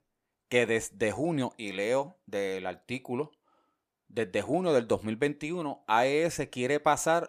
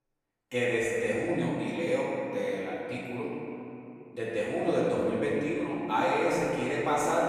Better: first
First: none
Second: off-mic speech; far // room echo; strong; dies away in 2.6 s

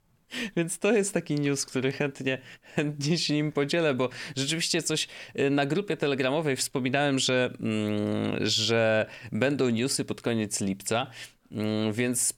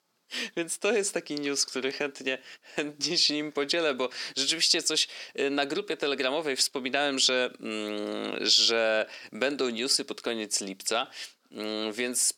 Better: first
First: none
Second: thin; very slightly; fading below 300 Hz

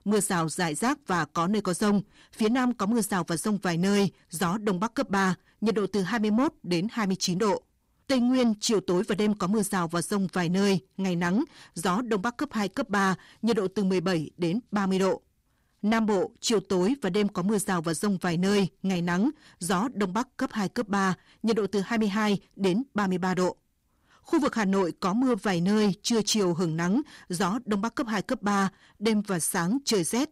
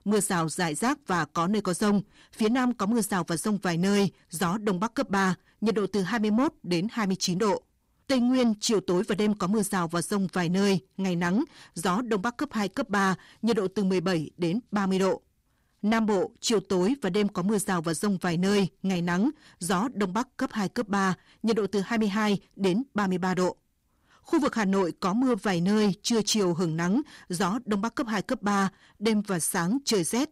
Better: neither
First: distortion; slight; 10 dB below the speech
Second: distortion; slight; 10 dB below the speech

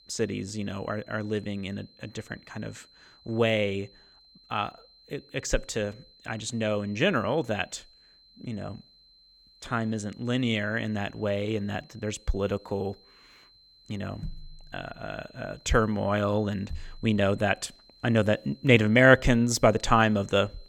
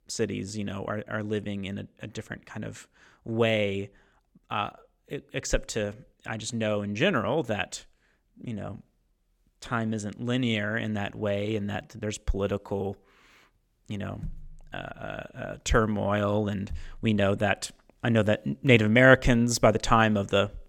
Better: second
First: high-pitched whine; faint; throughout; 4 kHz, 30 dB below the speech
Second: none

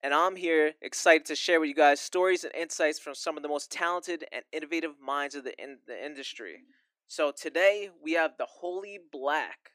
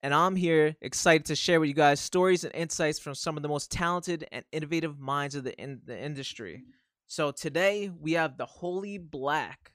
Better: second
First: thin; somewhat; fading below 300 Hz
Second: none

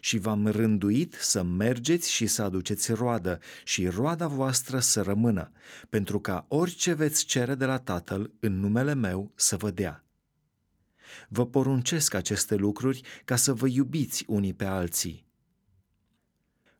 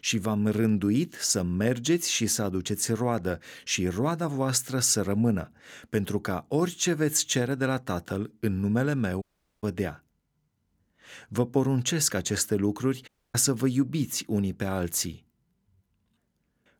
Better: first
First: none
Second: audio cutting out; at 9 s and at 13 s

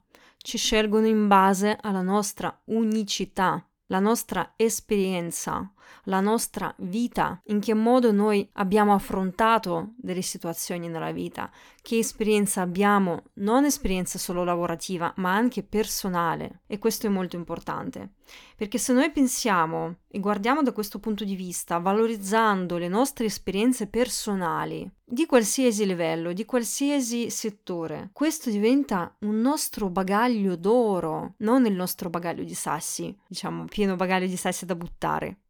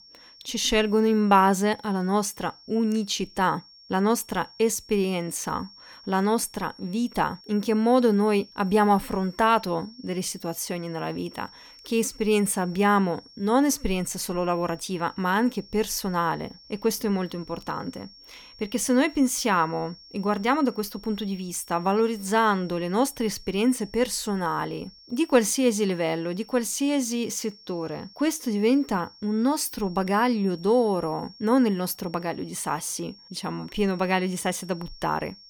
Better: first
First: none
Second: high-pitched whine; faint; throughout; 5.5 kHz, 20 dB below the speech

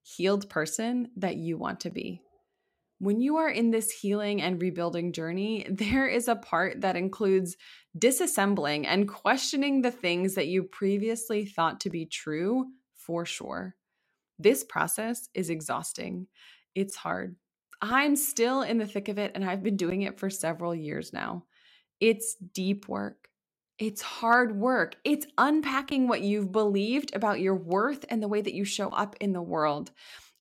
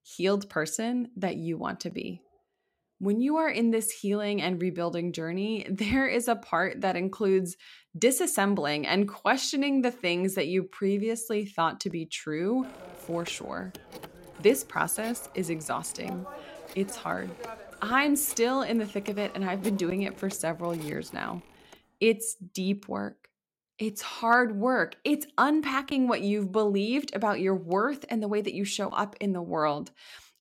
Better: first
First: none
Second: phone ringing; faint; from 13 to 22 s; peak 15 dB below the speech

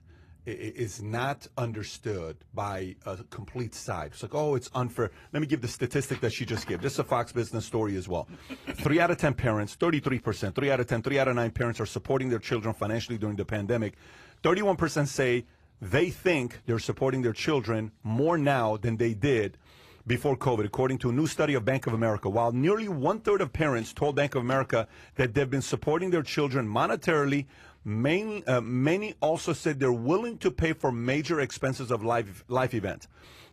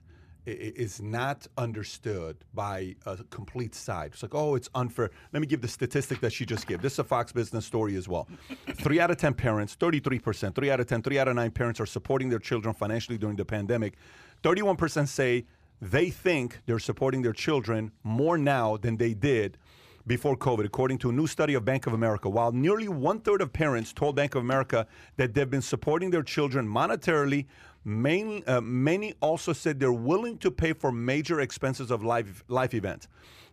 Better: second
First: garbled, watery; slightly; nothing above 14.5 kHz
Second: none

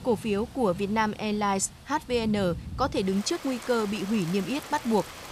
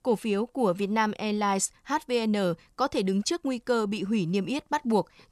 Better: second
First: rain or running water; noticeable; throughout; 15 dB below the speech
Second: none

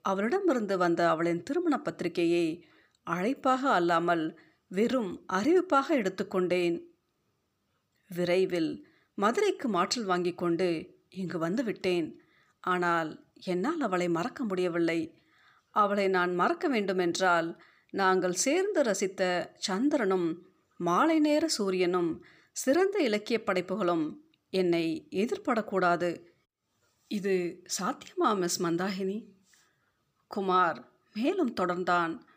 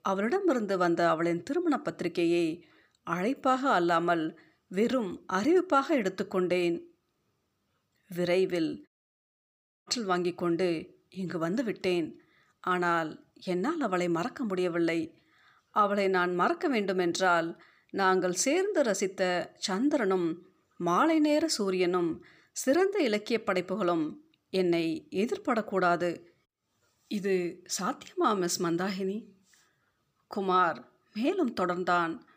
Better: first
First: none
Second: audio cutting out; at 9 s for 1 s

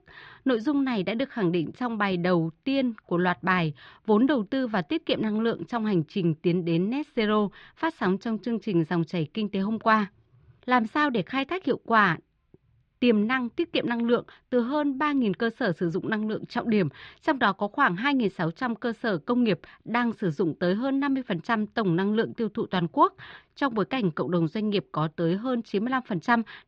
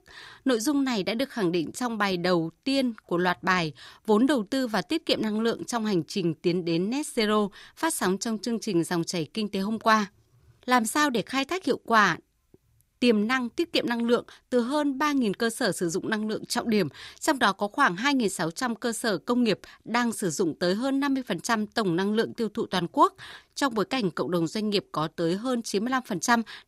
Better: second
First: muffled; slightly; fading above 3.5 kHz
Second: none

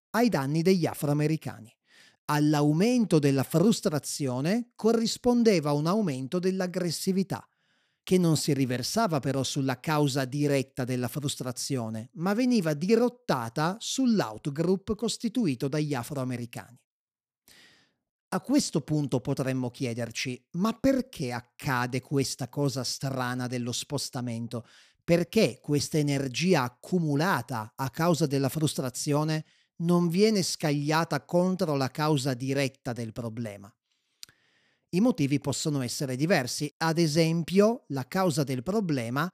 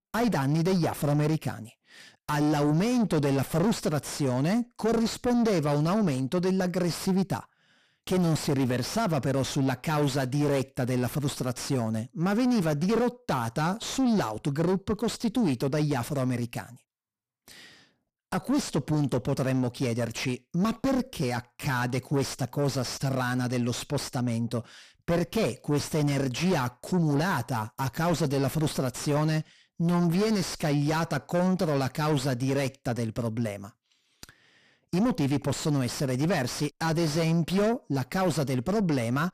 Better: first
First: none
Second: distortion; heavy; 6 dB below the speech

